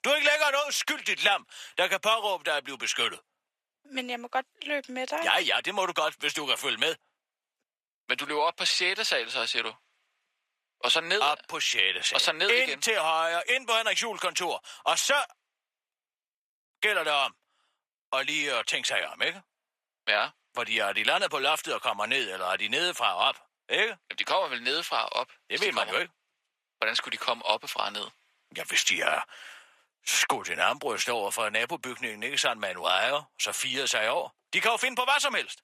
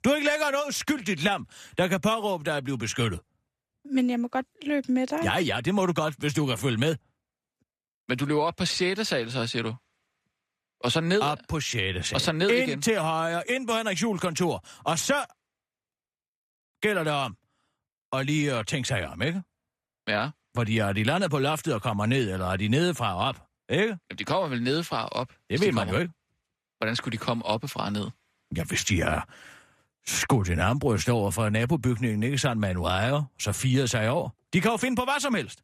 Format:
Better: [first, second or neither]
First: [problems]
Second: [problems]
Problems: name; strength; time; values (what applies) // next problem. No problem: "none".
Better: second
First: thin; very; fading below 700 Hz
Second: none